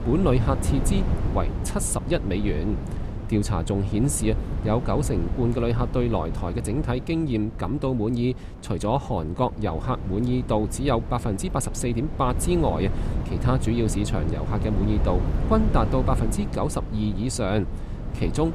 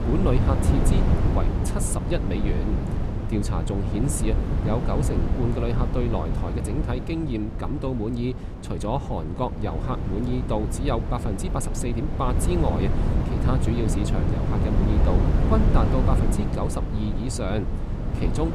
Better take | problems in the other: first | wind noise on the microphone; heavy; 3 dB below the speech; occasional gusts in the first

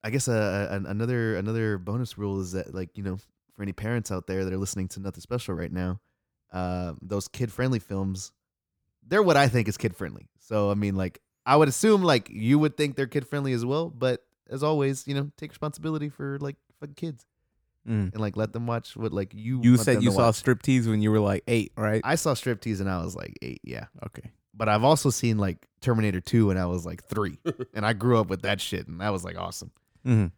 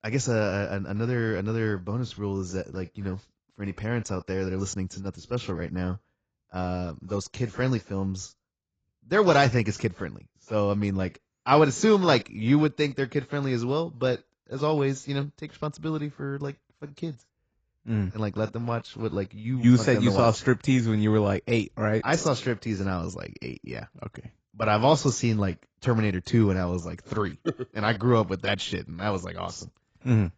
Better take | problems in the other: first | garbled, watery; badly; nothing above 7.5 kHz

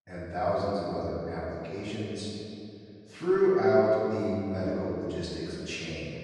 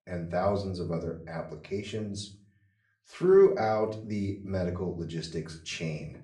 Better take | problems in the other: second | room echo; strong; dies away in 2.5 s; slight in the second // off-mic speech; far; far in the second

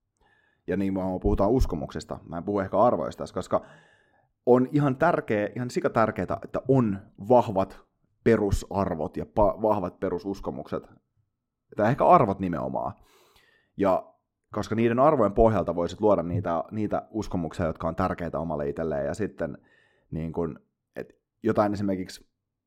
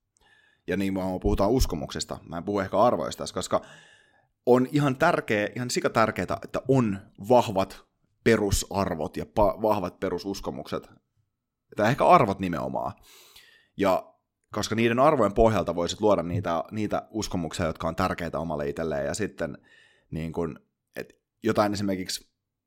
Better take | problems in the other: second | muffled; slightly; fading above 2 kHz

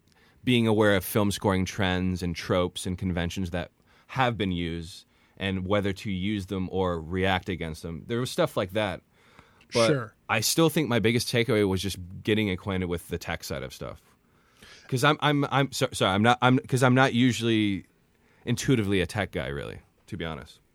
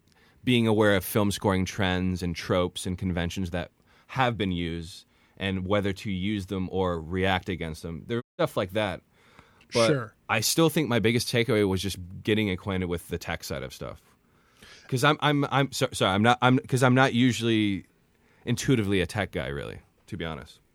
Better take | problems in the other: first | audio cutting out; at 8 s

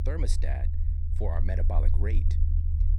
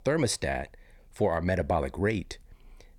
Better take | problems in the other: second | low rumble; loud; throughout; 7 dB below the speech

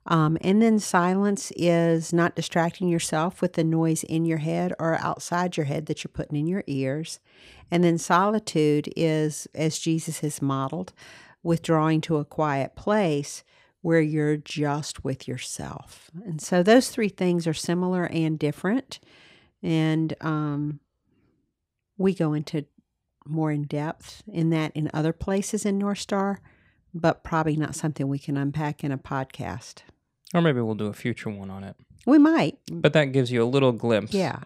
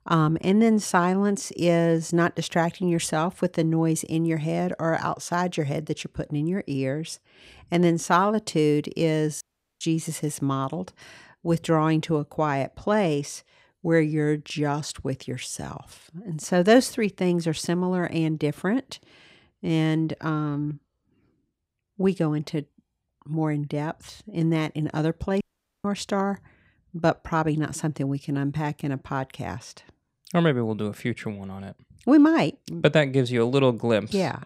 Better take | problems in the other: first | audio cutting out; at 9.5 s and at 25 s

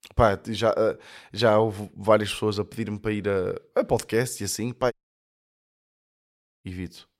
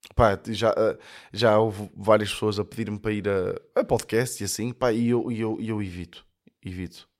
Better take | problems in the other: second | audio cutting out; at 5 s for 1.5 s

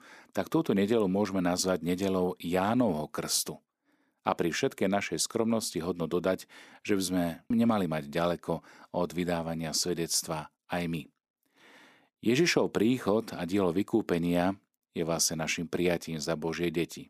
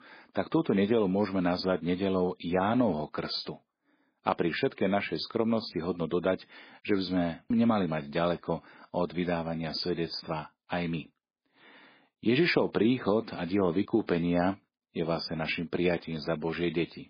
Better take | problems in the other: first | garbled, watery; badly; nothing above 5 kHz

